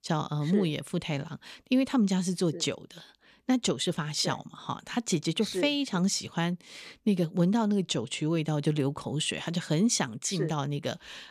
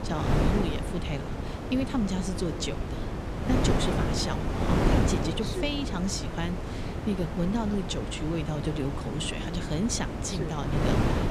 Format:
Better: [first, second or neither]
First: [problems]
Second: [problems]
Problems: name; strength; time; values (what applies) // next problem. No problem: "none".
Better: first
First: none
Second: wind noise on the microphone; heavy; as loud as the speech